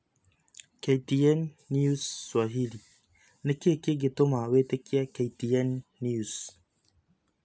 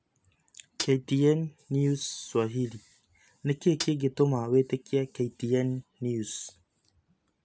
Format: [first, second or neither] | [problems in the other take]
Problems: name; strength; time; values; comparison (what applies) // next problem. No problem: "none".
first | background sound (Hi-hat); 13 dB below the speech